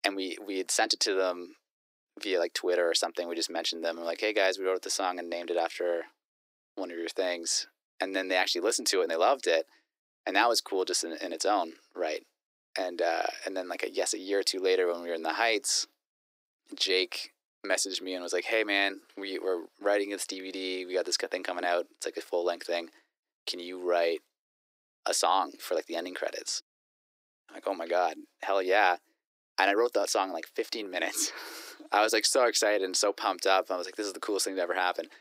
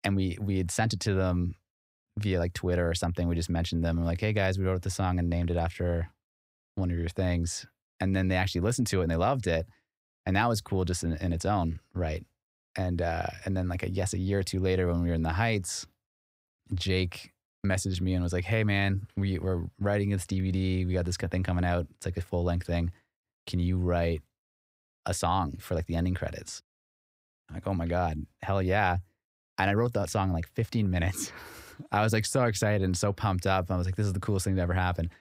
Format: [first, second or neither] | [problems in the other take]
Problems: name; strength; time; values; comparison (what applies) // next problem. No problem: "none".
second | thin; very; fading below 300 Hz